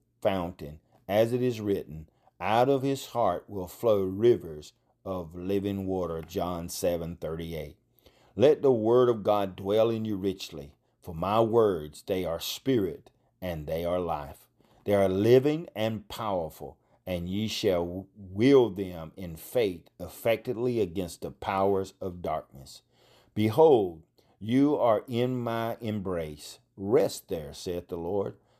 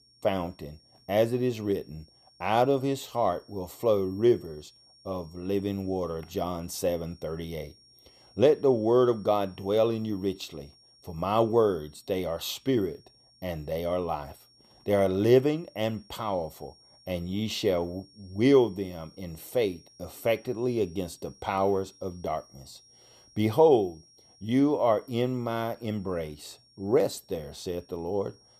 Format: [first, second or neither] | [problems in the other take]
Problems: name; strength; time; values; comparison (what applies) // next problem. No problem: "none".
first | high-pitched whine; faint; throughout; 5.5 kHz, 30 dB below the speech